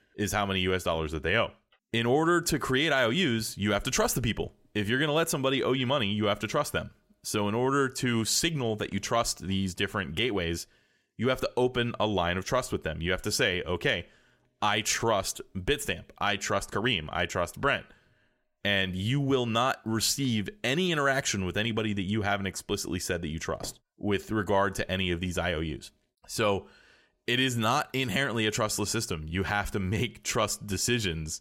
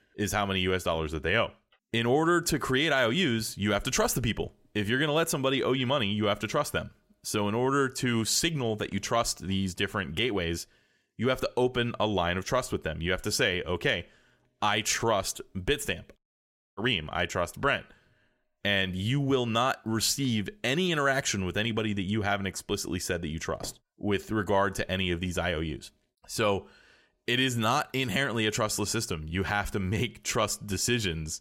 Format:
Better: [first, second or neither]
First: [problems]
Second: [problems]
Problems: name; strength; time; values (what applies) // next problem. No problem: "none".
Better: first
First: none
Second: audio cutting out; at 16 s for 0.5 s